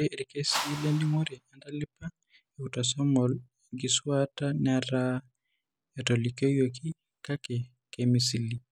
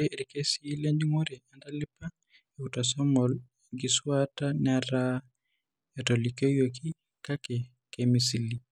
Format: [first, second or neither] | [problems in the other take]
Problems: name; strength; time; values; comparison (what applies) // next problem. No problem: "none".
second | background sound (Whoosh, swoosh, swish); 8 dB below the speech